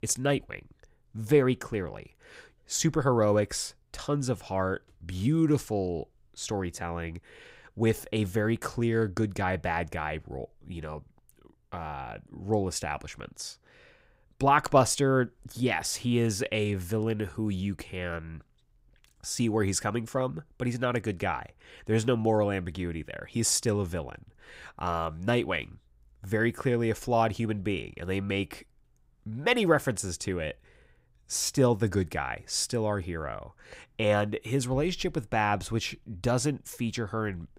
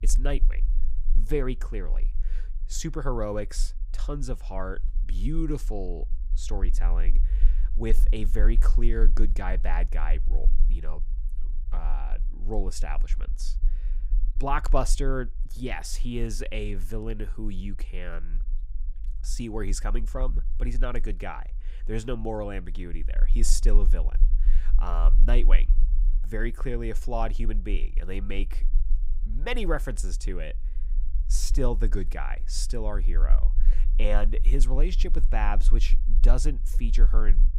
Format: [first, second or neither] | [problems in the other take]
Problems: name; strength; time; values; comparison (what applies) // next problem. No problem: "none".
first | low rumble; faint; throughout; 20 dB below the speech